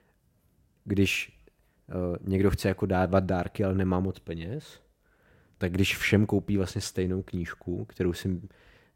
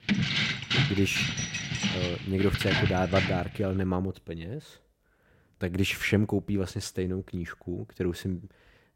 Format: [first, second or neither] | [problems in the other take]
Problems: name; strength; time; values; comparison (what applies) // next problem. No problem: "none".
first | jangling keys; loud; until 3.5 s; peak 5 dB above the speech